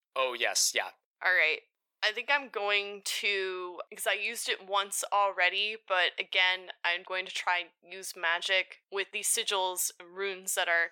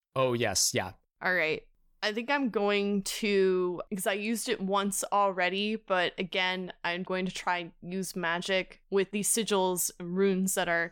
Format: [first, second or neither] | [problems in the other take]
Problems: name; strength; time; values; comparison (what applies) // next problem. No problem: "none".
second | thin; very; fading below 500 Hz